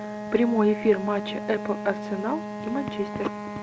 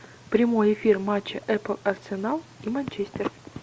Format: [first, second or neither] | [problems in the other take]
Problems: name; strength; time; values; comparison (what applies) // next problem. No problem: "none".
second | background sound (Wind instrument, woodwind instrument); 7 dB below the speech